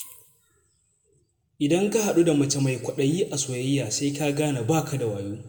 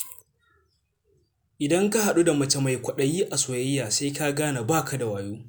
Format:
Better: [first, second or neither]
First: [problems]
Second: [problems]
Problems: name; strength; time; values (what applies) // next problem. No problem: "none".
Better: second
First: room echo; dies away in 1 s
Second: none